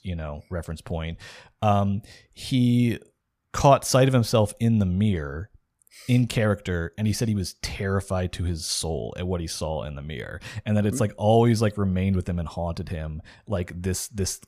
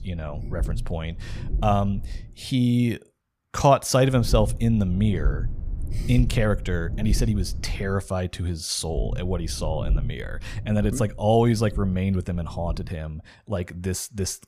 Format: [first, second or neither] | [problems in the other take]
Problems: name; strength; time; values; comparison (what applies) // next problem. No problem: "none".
first | low rumble; noticeable; until 2 s, from 4 to 8 s and from 9 to 13 s; 20 dB below the speech